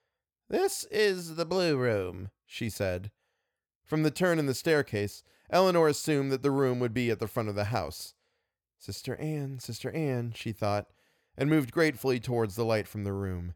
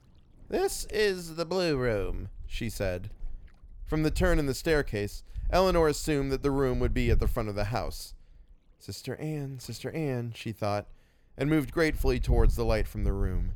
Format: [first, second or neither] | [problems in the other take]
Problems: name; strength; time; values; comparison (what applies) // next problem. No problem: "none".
first | wind noise on the microphone; occasional gusts; 25 dB below the speech